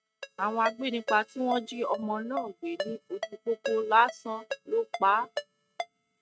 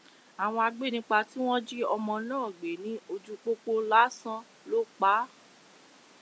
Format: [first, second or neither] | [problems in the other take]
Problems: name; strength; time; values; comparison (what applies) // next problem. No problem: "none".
second | noise reduction (neural mask model RNNoise)